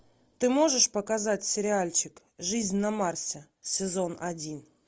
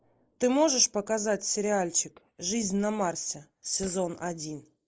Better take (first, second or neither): first